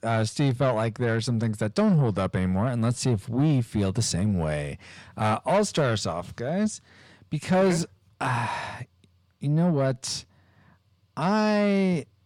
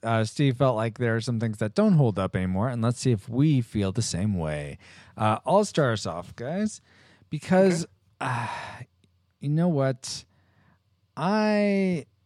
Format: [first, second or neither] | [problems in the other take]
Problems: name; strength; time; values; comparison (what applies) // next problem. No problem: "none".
second | distortion; slight; 10 dB below the speech